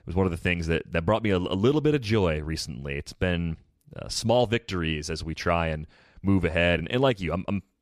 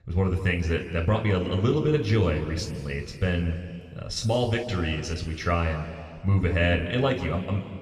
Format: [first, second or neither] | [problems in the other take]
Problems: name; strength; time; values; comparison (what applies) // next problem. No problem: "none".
first | room echo; noticeable; dies away in 2 s // off-mic speech; somewhat distant